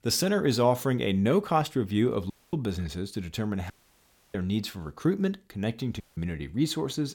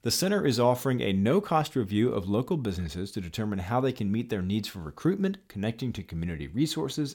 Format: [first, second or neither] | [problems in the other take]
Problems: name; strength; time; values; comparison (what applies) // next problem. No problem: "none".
second | audio cutting out; at 2.5 s, at 3.5 s for 0.5 s and at 6 s